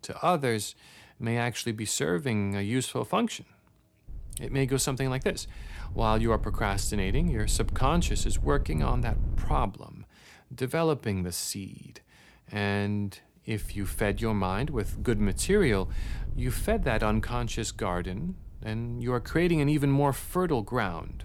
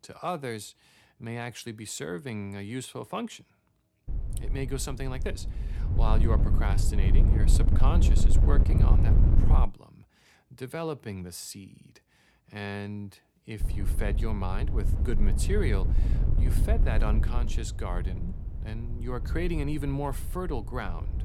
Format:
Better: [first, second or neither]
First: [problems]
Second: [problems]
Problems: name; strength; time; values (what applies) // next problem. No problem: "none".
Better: first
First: wind noise on the microphone; occasional gusts; from 4 to 9.5 s and from 14 s on; 20 dB below the speech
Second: wind noise on the microphone; heavy; from 4 to 9.5 s and from 14 s on; 5 dB below the speech